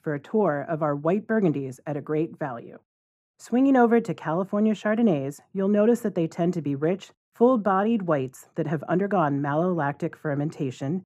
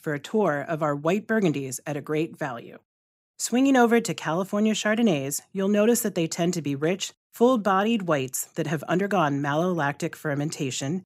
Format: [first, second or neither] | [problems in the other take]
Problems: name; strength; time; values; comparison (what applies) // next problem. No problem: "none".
second | muffled; very; fading above 2.5 kHz